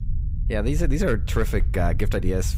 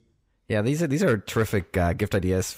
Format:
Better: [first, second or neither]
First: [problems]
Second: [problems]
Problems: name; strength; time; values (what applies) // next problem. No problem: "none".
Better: second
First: low rumble; noticeable; throughout; 15 dB below the speech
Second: none